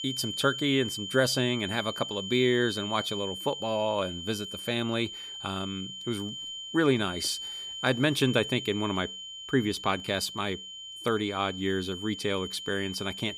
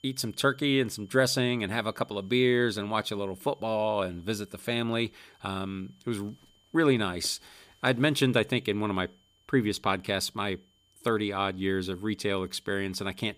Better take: second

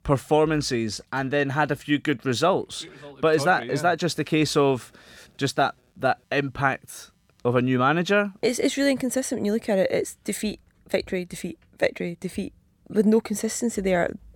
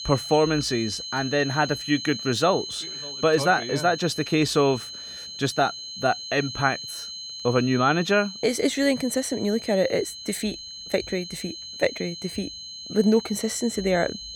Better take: first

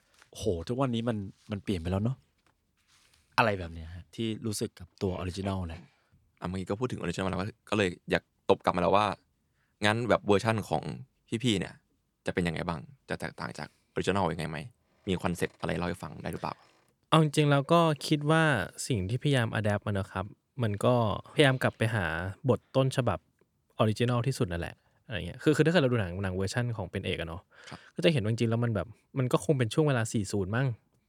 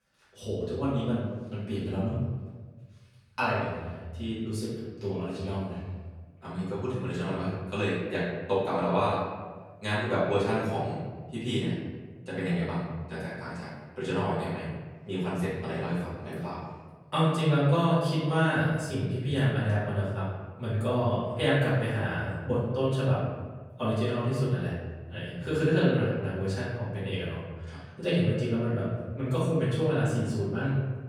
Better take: first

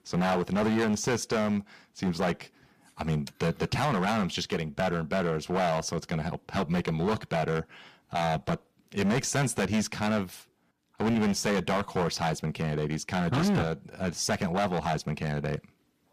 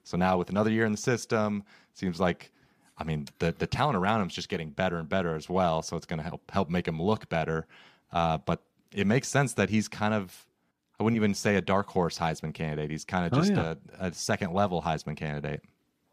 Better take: second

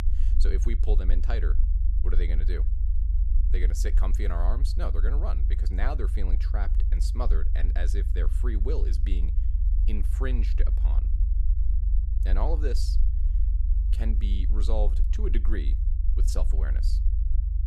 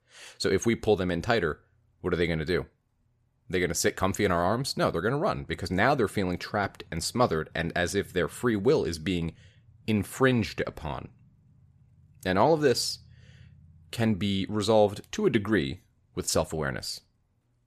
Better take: second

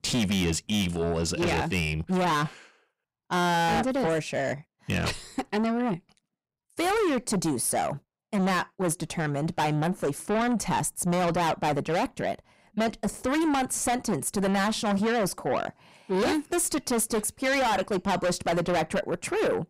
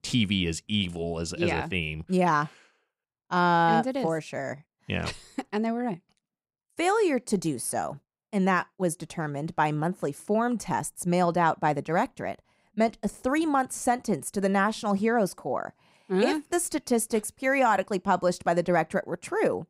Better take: second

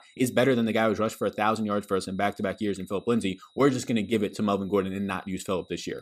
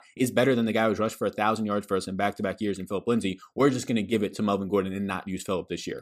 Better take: second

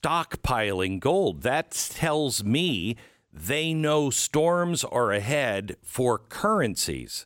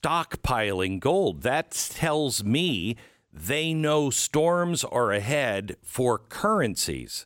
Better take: neither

